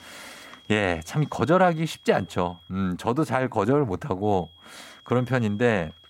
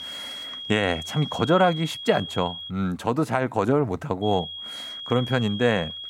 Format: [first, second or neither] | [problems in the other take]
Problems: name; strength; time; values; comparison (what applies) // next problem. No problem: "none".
first | high-pitched whine; loud; until 2.5 s and from 4 s on; 3.5 kHz, 9 dB below the speech; faint in the first